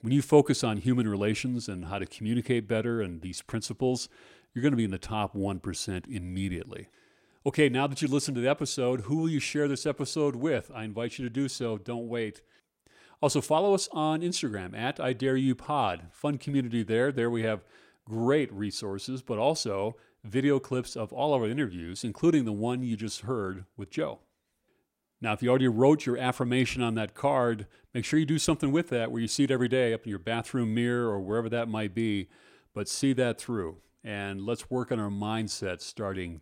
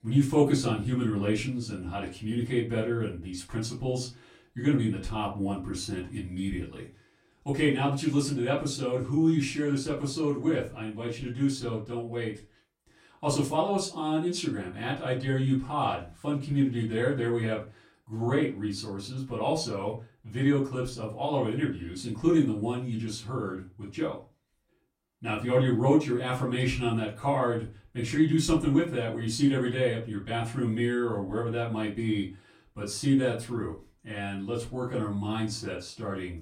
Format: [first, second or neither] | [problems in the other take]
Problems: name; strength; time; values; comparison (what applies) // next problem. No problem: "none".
first | off-mic speech; far // room echo; very slight; dies away in 0.3 s